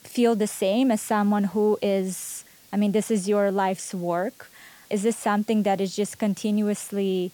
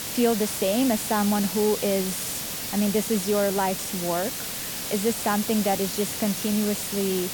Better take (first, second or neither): first